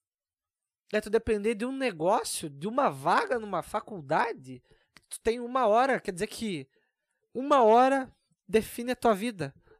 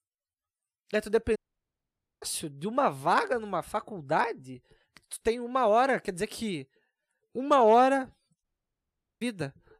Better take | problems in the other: first | audio cutting out; at 1.5 s for 1 s and at 8.5 s for 1 s

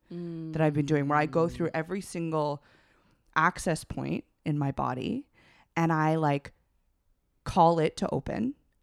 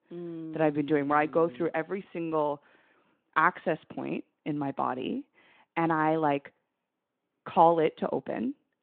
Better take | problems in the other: first | phone-call audio

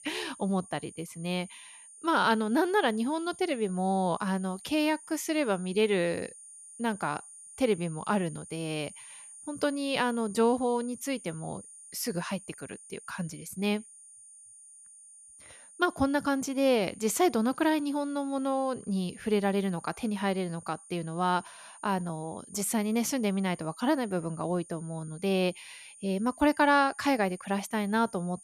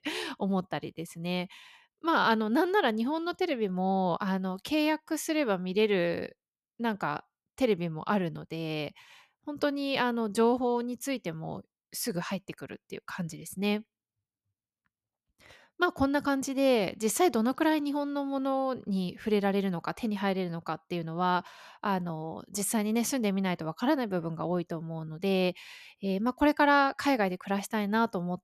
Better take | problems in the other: second | high-pitched whine; noticeable; throughout; 9 kHz, 20 dB below the speech

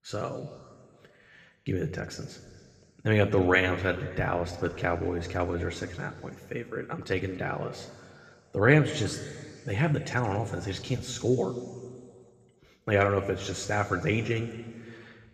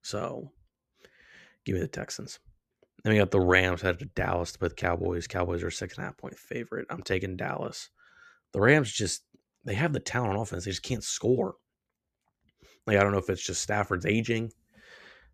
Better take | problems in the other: second | room echo; slight; dies away in 2.1 s

